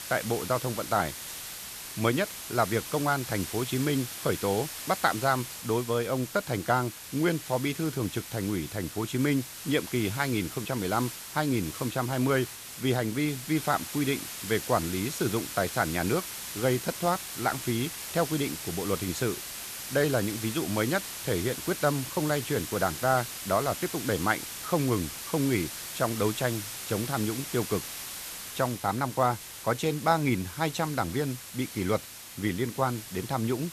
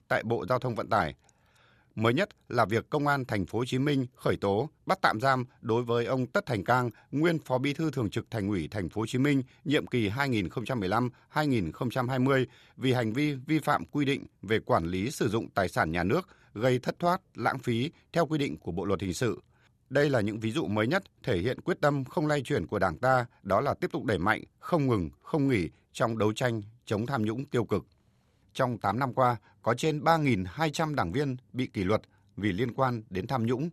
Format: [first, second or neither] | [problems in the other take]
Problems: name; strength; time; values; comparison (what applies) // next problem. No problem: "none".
second | hiss; loud; throughout; 8 dB below the speech